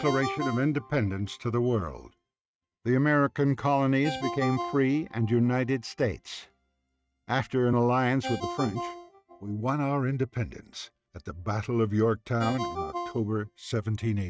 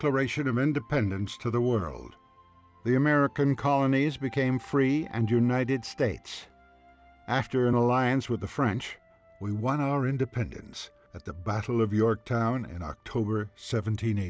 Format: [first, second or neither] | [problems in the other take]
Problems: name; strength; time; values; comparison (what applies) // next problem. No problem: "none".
second | noise reduction (neural mask model RNNoise)